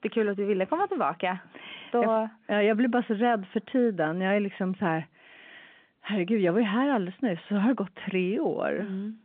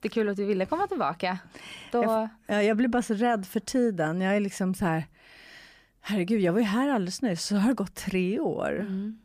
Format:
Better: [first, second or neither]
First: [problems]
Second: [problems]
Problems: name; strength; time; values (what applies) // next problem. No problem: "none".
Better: second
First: phone-call audio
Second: none